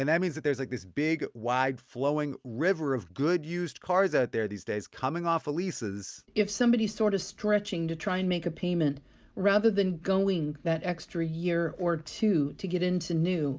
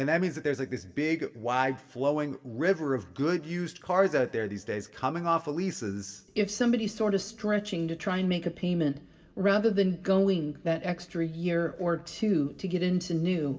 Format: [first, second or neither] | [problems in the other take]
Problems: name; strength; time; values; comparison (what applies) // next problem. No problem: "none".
first | room echo; dies away in 0.9 s